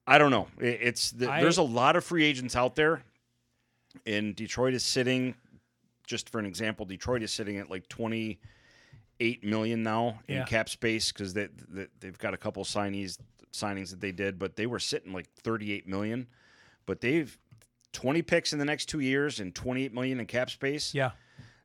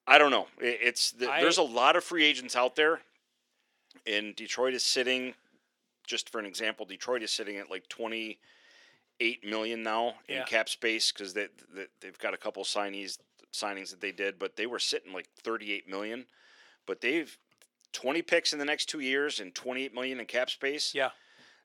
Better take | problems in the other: first | thin; somewhat; fading below 350 Hz

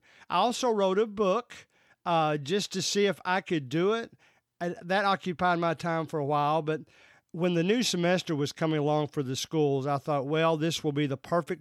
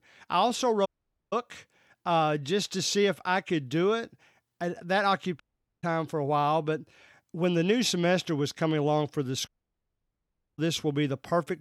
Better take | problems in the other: first | audio cutting out; at 1 s, at 5.5 s and at 9.5 s for 1 s

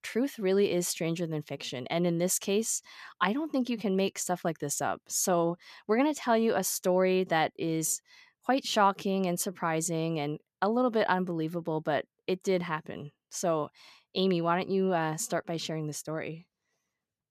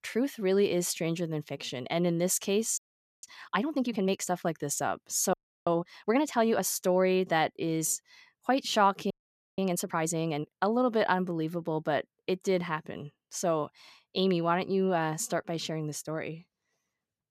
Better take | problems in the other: first | audio freezing; at 3 s, at 5.5 s and at 9 s

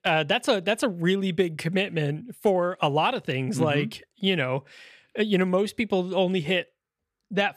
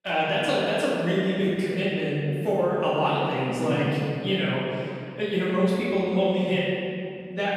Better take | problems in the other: first | off-mic speech; far // room echo; strong; dies away in 2.3 s

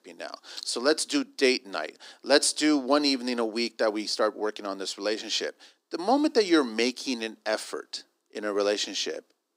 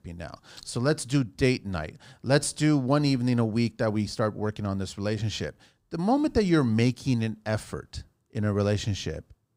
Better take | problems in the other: second | thin; somewhat; fading below 300 Hz

